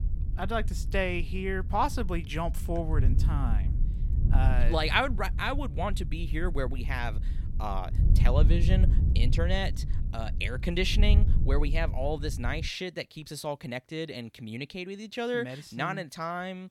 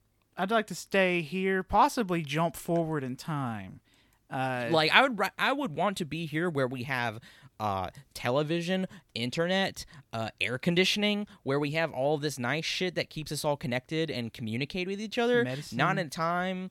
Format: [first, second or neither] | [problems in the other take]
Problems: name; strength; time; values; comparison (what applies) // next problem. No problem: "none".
second | wind noise on the microphone; occasional gusts; until 13 s; 15 dB below the speech